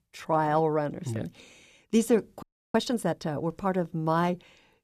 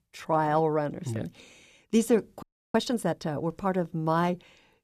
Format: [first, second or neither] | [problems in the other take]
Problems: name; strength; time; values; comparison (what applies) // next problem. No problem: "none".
neither | audio freezing; at 2.5 s; the same in both